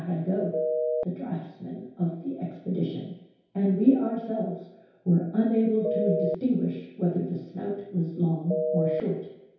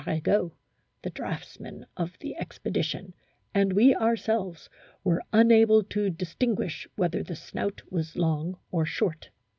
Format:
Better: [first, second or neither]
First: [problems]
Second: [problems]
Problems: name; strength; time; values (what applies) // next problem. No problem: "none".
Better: second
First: background sound (Telephone); 2 dB below the speech // room echo; dies away in 0.8 s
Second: none